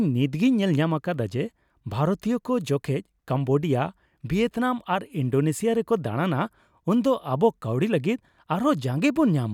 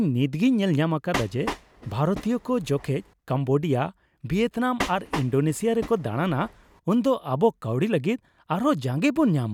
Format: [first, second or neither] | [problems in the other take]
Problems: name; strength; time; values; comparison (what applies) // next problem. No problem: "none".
first | background sound (Train); 11 dB below the speech